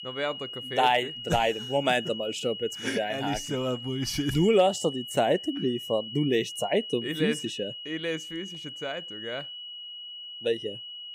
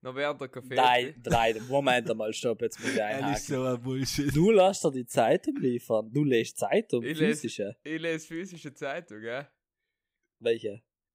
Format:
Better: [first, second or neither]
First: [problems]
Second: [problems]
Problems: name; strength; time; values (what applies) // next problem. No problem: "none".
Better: second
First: high-pitched whine; loud; throughout; 3 kHz, 9 dB below the speech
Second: none